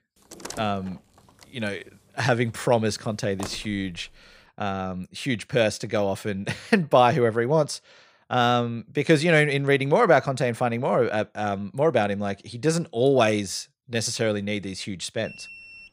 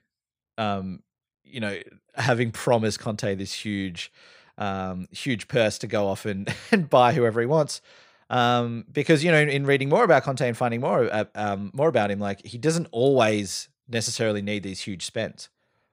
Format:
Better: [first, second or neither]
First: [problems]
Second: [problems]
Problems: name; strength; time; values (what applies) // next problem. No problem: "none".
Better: second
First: door banging; faint; until 4 s; peak 15 dB below the speech // alarm; faint; at 15 s; peak 15 dB below the speech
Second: none